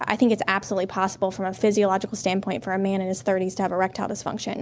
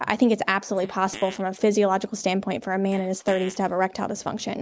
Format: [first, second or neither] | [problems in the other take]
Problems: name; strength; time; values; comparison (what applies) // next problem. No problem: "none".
first | noise reduction (neural mask model Resemble Enhance denoiser)